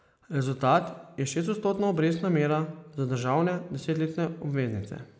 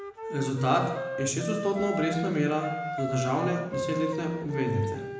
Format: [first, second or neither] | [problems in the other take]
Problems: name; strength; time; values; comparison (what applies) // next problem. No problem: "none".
first | background sound (Wind instrument, woodwind instrument); 6 dB below the speech // room echo; dies away in 0.9 s